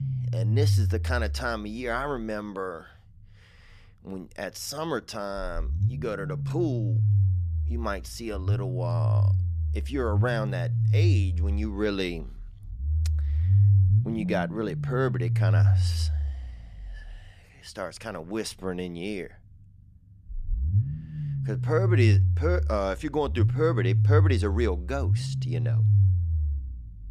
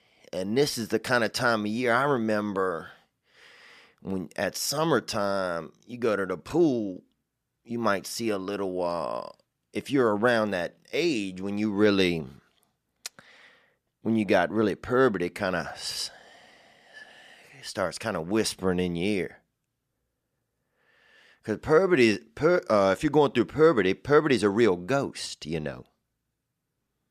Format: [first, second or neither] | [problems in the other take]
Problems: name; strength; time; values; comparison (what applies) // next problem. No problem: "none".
second | low rumble; loud; throughout; 8 dB below the speech